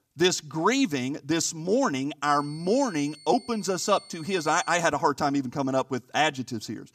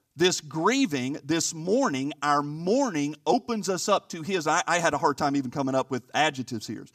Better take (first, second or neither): second